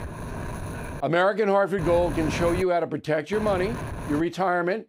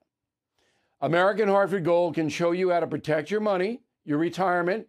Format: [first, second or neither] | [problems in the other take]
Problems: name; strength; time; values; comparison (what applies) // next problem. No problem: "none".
second | wind noise on the microphone; occasional gusts; until 1 s, at 2 s and at 3.5 s; 10 dB below the speech